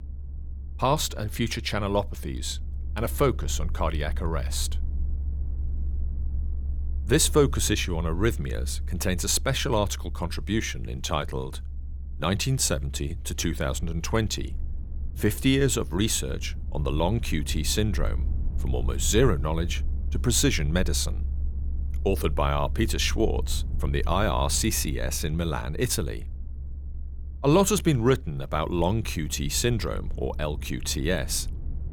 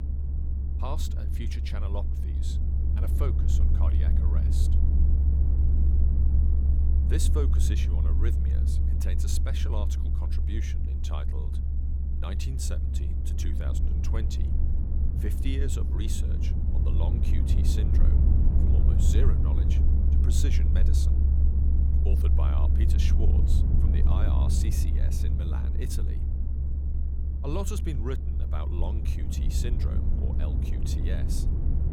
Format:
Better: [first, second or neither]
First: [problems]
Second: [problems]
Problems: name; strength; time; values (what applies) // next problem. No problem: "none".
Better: first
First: low rumble; faint; throughout; 25 dB below the speech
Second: low rumble; loud; throughout; 1 dB below the speech